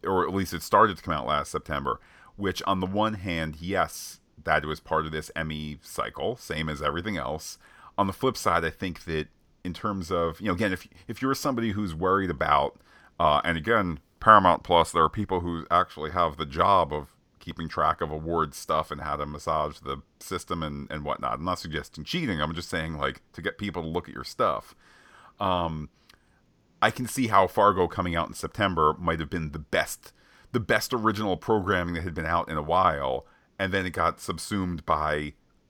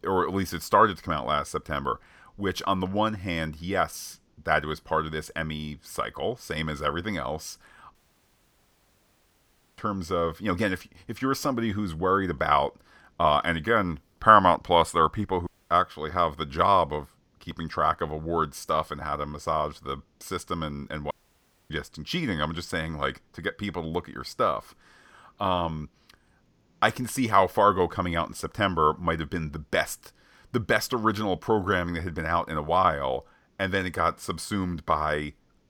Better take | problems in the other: first | audio cutting out; at 8 s for 2 s, at 15 s and at 21 s for 0.5 s

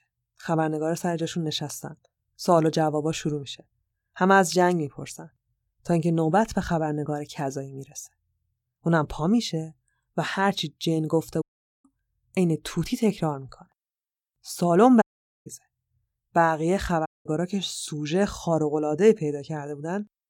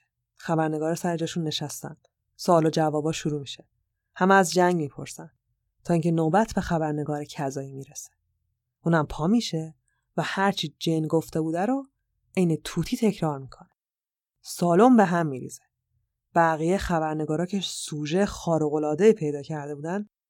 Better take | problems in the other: second | audio cutting out; at 11 s, at 15 s and at 17 s

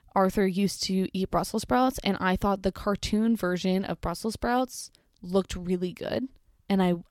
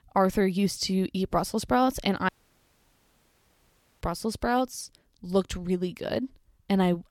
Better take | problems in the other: first | audio cutting out; at 2.5 s for 1.5 s

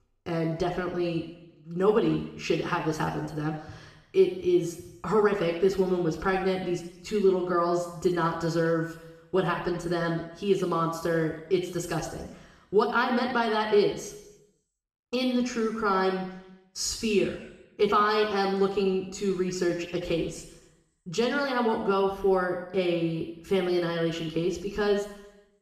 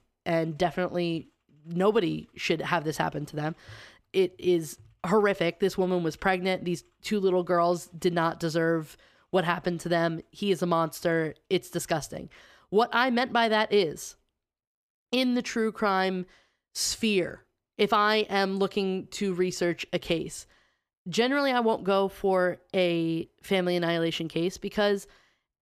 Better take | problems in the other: second | room echo; noticeable; dies away in 0.8 s // off-mic speech; far

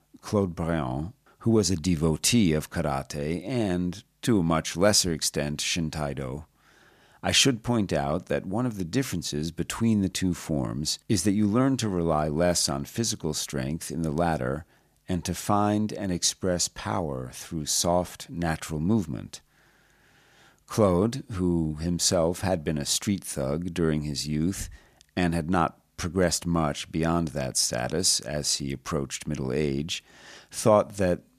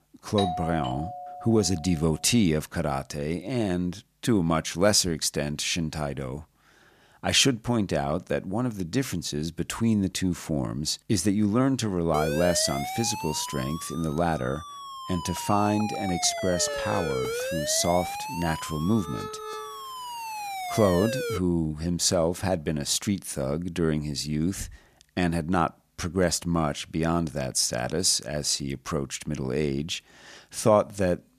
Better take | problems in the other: first | doorbell; noticeable; until 2 s; peak 4 dB below the speech // siren; noticeable; from 12 to 21 s; peak 3 dB below the speech

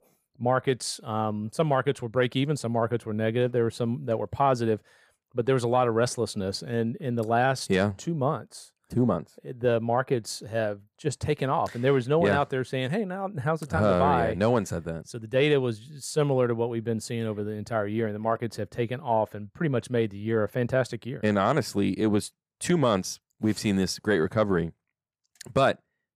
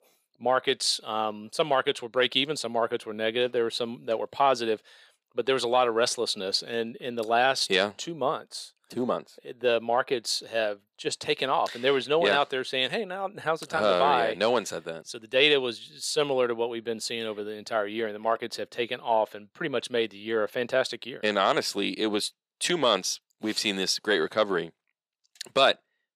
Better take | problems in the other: first | thin; somewhat; fading below 350 Hz

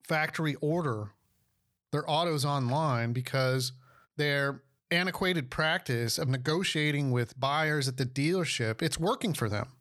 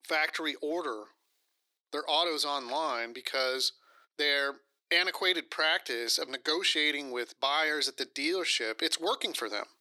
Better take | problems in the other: first | thin; very; fading below 300 Hz

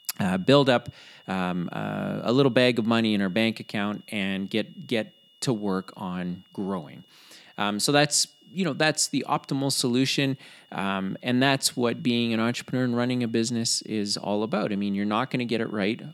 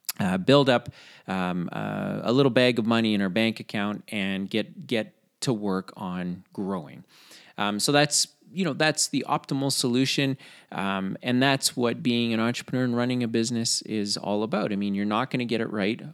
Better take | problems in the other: second | high-pitched whine; faint; throughout; 3 kHz, 30 dB below the speech

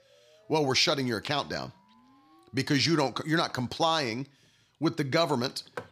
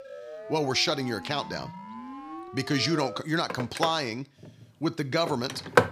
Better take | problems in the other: first | alarms or sirens; loud; throughout; 7 dB below the speech; faint in the first

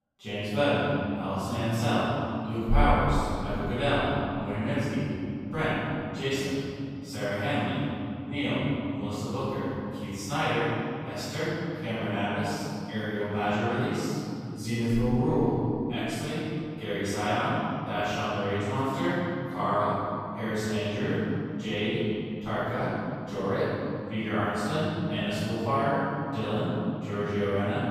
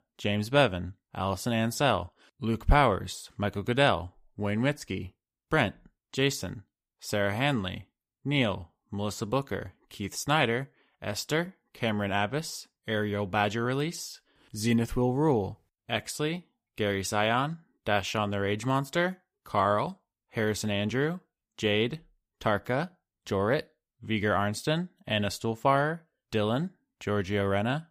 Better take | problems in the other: second | off-mic speech; far // room echo; strong; dies away in 3 s

